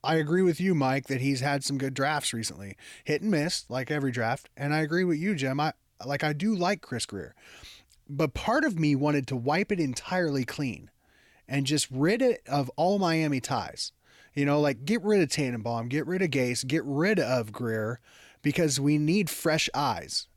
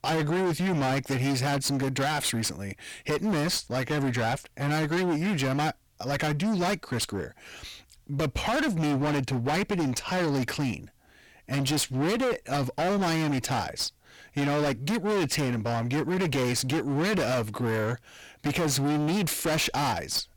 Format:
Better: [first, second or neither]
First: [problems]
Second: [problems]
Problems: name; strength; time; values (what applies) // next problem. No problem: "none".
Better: first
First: none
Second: distortion; heavy; 30% of the sound clipped